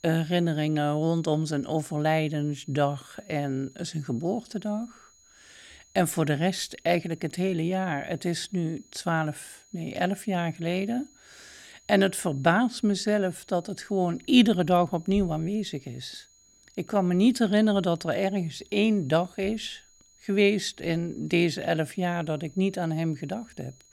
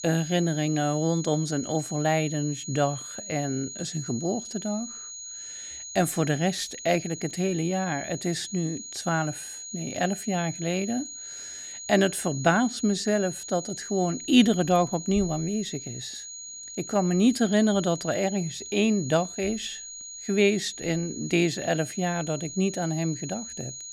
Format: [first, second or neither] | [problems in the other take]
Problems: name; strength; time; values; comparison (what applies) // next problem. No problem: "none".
first | high-pitched whine; loud; throughout; 6.5 kHz, 10 dB below the speech; faint in the first